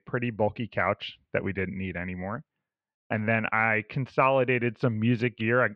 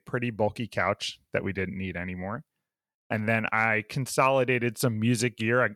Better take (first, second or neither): second